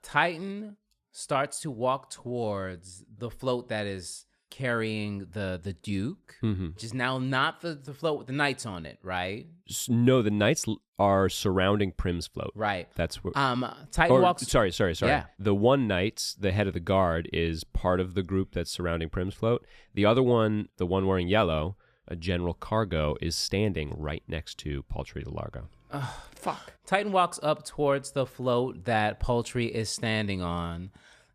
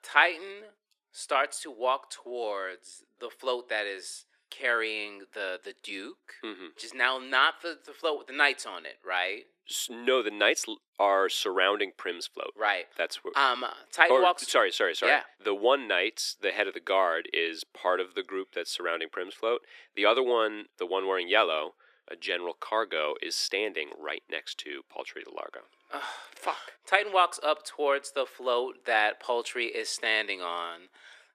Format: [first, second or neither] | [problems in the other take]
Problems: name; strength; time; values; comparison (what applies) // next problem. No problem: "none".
first | thin; very; fading below 350 Hz